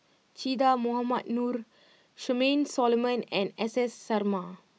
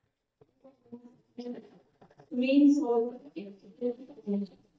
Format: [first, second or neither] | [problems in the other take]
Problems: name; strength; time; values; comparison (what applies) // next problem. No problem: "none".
first | noise reduction (neural mask model DeepFilterNet 3)